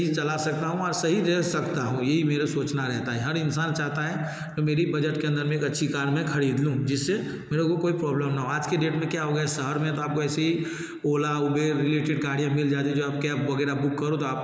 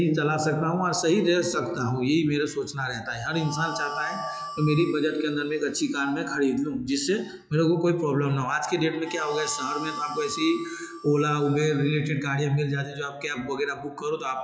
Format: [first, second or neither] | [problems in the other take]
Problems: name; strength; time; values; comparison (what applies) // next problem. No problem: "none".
first | noise reduction (classical method log-MMSE)